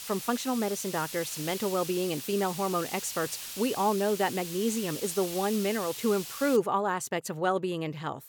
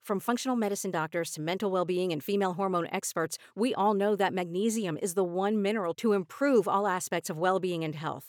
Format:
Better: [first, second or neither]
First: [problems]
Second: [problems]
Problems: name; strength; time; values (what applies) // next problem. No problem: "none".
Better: second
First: hiss; loud; until 6.5 s; 8 dB below the speech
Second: none